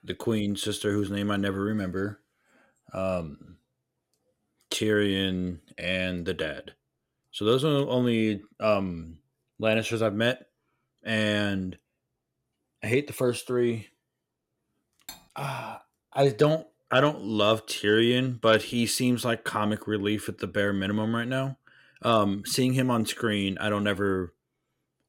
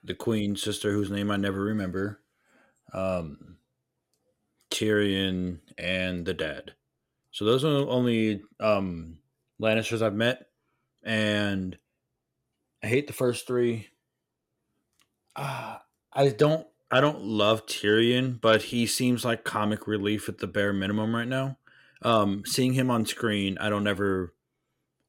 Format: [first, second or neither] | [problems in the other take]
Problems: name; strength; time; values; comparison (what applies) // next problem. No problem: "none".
second | clattering dishes; faint; at 15 s; peak 20 dB below the speech